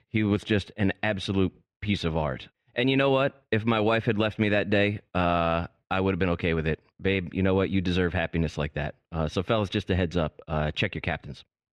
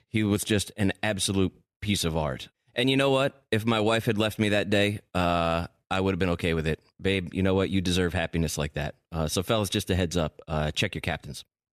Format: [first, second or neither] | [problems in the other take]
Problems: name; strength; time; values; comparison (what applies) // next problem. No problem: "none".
second | muffled; slightly; fading above 2.5 kHz